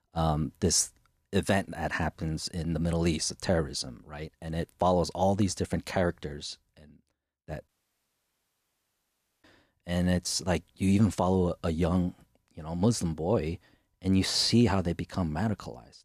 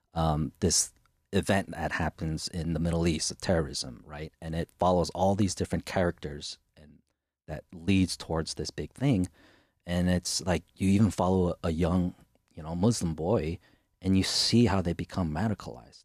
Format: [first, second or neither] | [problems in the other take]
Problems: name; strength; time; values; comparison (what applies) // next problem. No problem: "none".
second | audio cutting out; at 7.5 s for 2 s